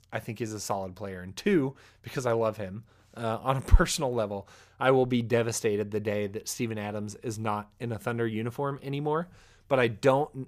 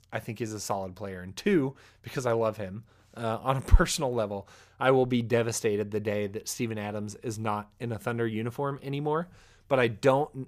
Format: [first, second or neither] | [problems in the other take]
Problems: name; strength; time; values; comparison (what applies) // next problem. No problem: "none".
neither | none